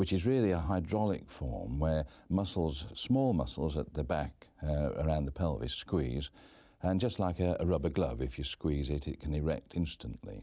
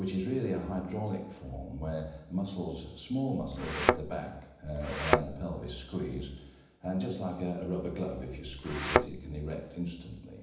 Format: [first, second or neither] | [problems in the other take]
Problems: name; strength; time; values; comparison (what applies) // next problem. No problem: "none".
first | background sound (Thump, thud); 5 dB above the speech // room echo; dies away in 0.9 s